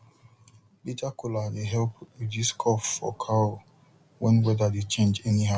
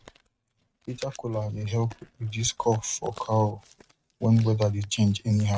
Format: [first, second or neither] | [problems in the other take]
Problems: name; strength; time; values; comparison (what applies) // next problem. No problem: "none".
first | noise reduction (neural mask model RNNoise)